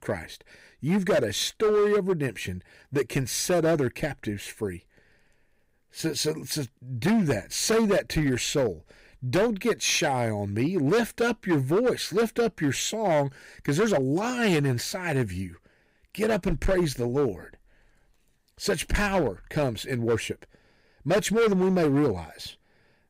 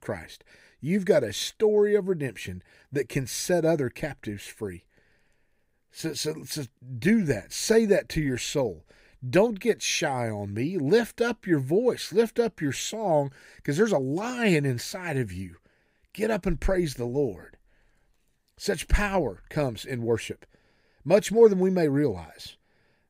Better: second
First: distortion; heavy; 9% of the sound clipped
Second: none

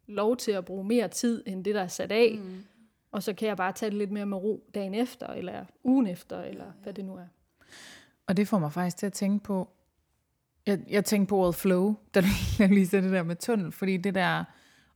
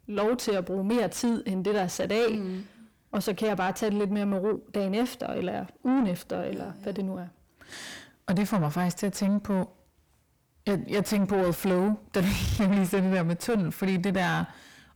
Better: first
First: none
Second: distortion; heavy; 7 dB below the speech

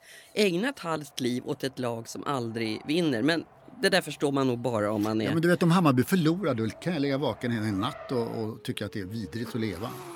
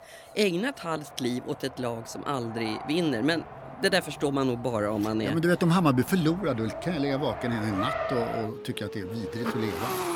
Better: first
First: traffic noise; faint; throughout; 20 dB below the speech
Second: traffic noise; loud; throughout; 9 dB below the speech

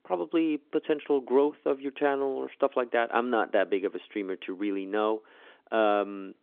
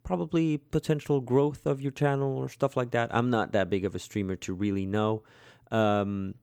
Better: second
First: phone-call audio; nothing above 3.5 kHz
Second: none

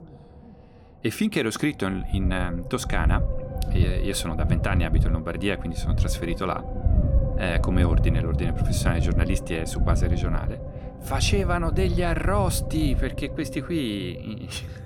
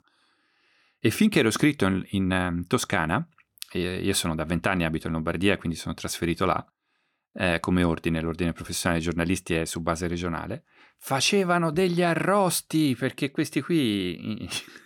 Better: second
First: low rumble; loud; throughout; 8 dB below the speech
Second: none

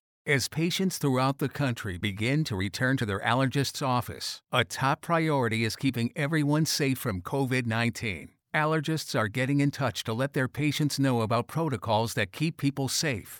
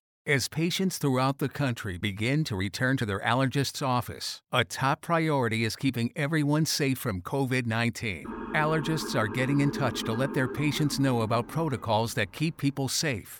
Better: first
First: none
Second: siren; noticeable; from 8 to 12 s; peak 7 dB below the speech

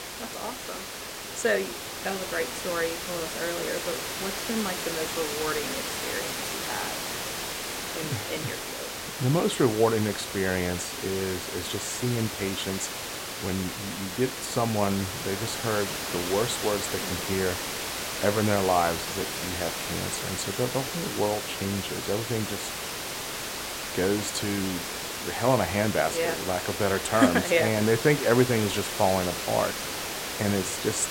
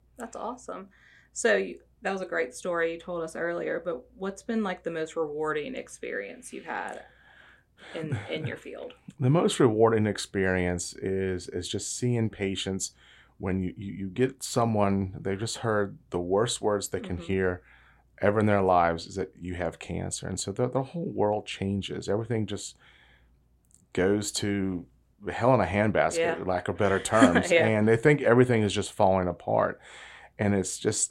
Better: second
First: hiss; loud; throughout; 3 dB below the speech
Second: none

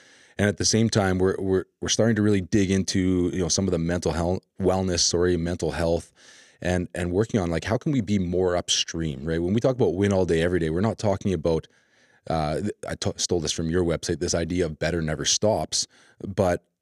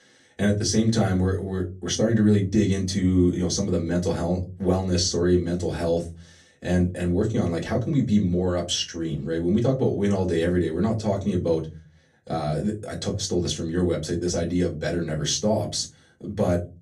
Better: first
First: none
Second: off-mic speech; far // room echo; very slight; dies away in 0.3 s

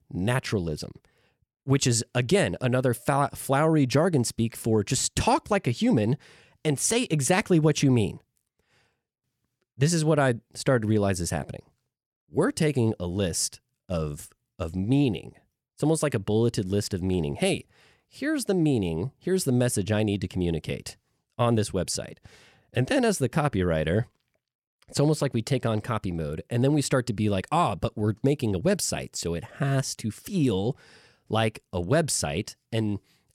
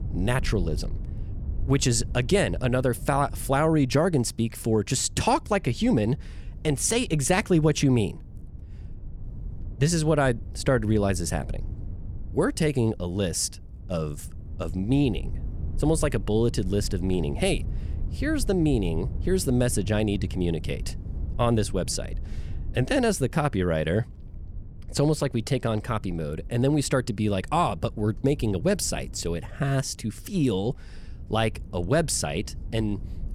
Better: first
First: none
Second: low rumble; faint; throughout; 25 dB below the speech

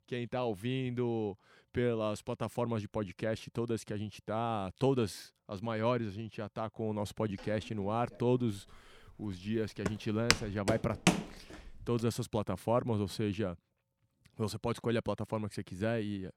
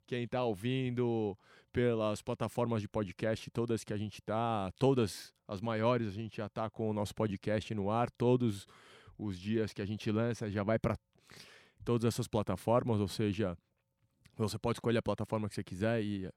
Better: second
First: footsteps; loud; from 10 to 11 s; peak 5 dB above the speech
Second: none

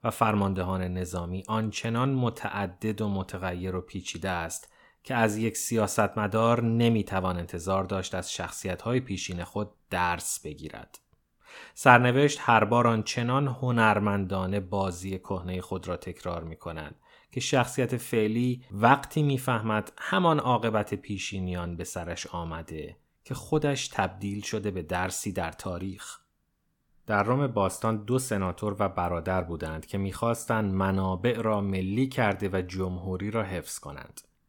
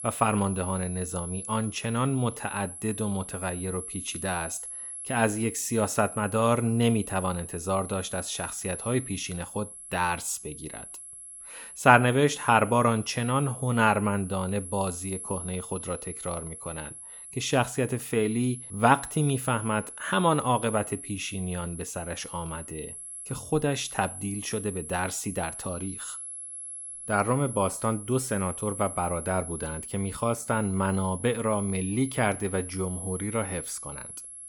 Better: first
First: none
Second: high-pitched whine; loud; throughout; 11 kHz, 10 dB below the speech

